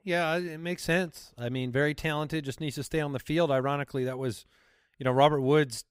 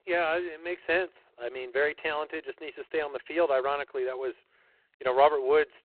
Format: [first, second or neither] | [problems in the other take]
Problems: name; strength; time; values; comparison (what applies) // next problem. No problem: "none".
first | phone-call audio; poor line; nothing above 4 kHz